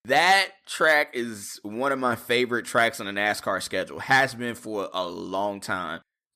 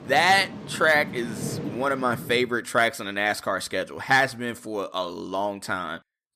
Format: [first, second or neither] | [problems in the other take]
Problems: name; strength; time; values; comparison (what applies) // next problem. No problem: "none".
first | rain or running water; noticeable; until 2 s; 10 dB below the speech